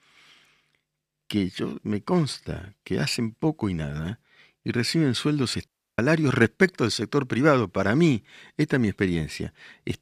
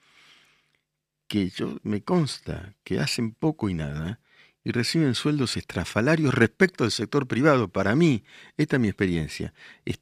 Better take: second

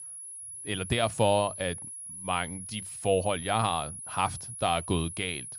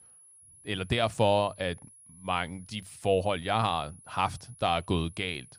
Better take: second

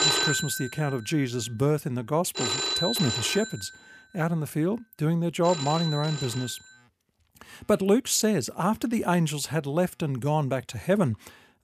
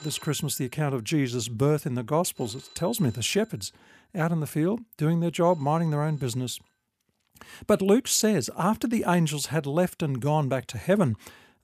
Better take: second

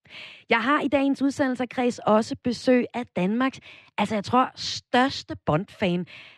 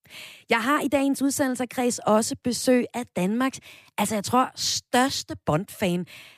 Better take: second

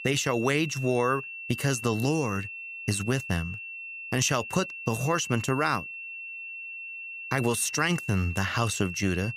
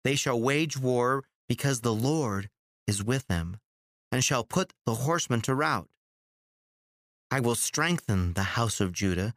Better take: second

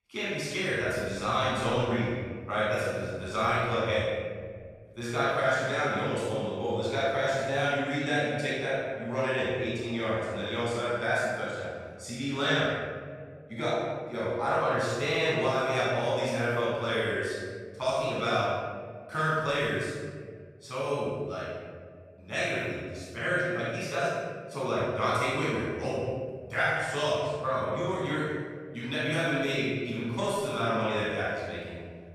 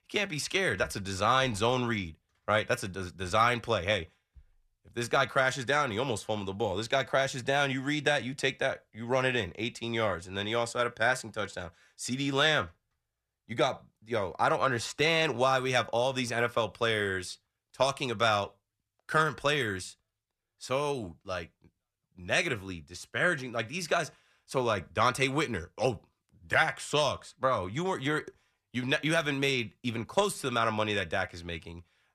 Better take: second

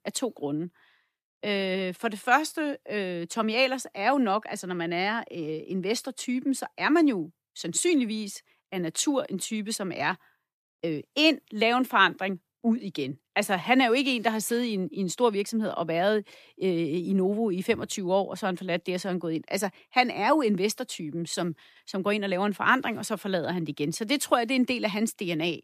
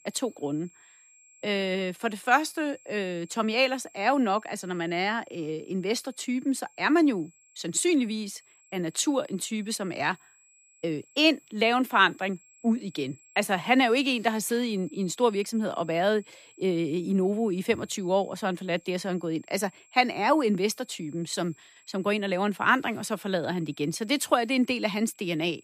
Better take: first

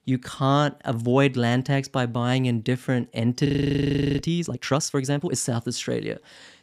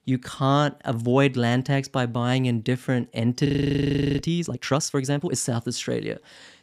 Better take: neither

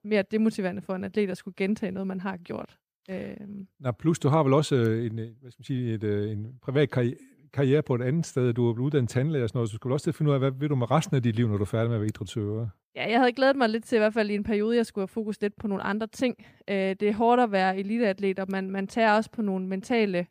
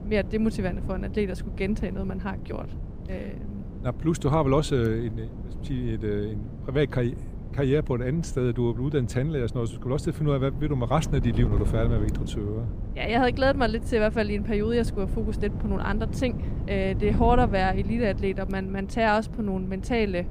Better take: first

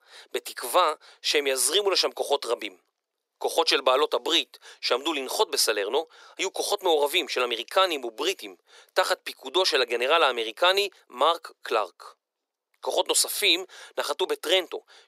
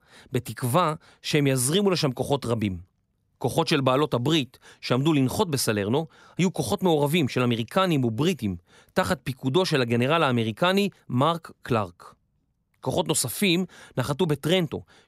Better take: second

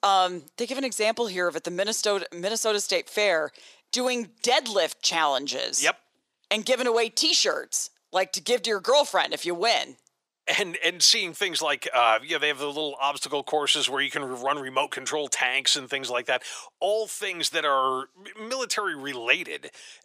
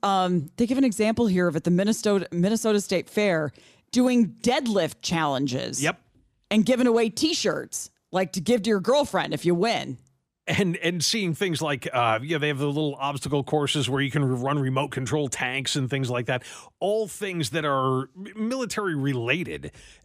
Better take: second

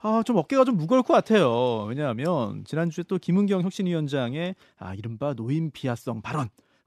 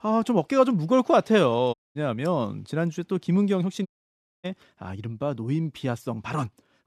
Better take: first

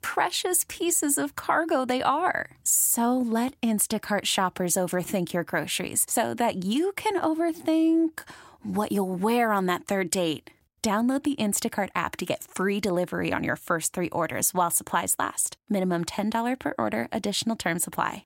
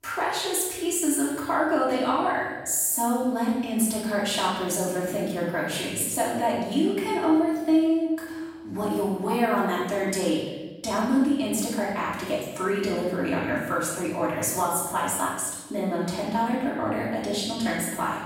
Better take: first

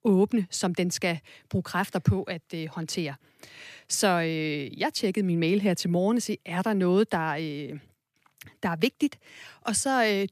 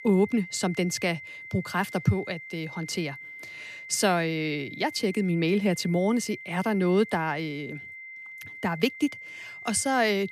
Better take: first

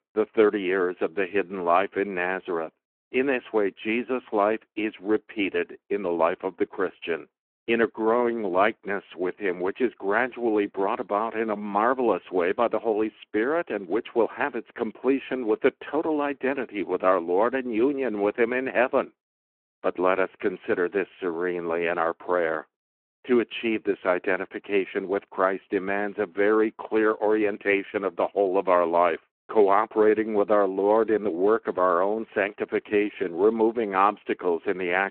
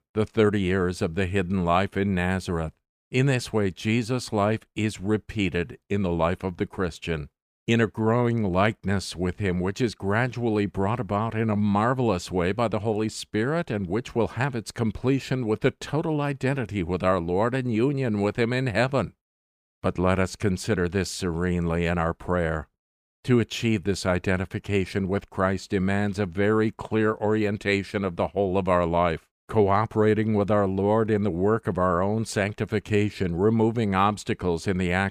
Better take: second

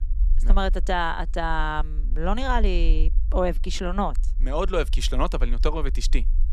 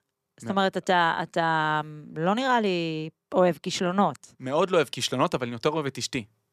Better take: second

